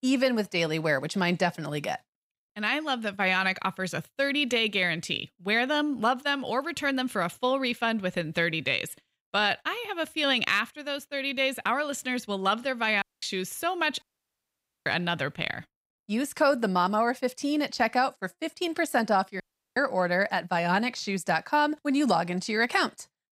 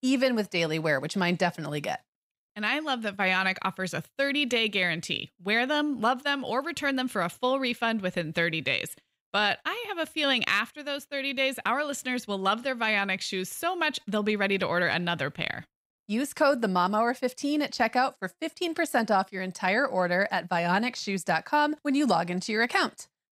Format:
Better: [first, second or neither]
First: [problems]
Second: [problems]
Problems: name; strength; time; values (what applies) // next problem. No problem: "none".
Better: second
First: audio cutting out; at 13 s, at 14 s for 1 s and at 19 s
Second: none